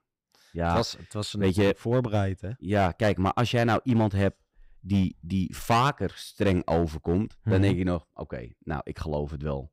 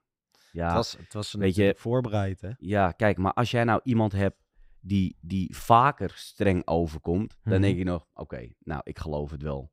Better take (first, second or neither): second